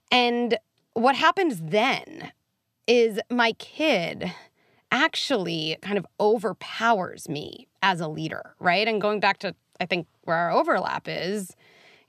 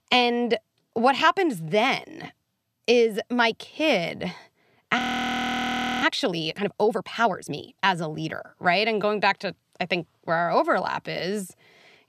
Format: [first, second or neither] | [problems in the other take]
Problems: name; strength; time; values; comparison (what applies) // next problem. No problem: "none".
first | audio freezing; at 5 s for 1 s